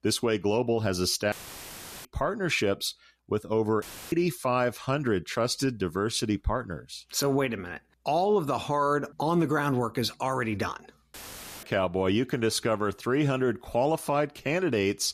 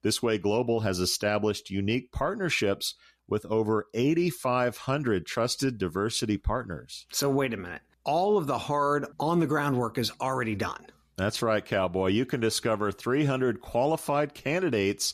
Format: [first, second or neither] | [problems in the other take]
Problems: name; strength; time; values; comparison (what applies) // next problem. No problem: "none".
second | audio cutting out; filled with static; at 1.5 s for 0.5 s, at 4 s and at 11 s